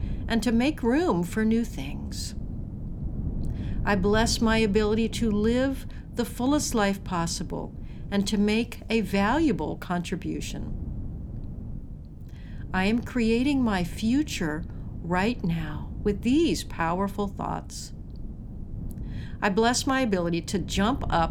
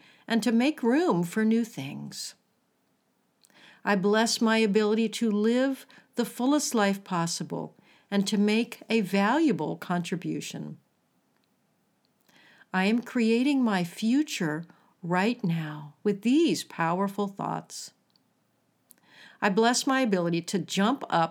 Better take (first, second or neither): second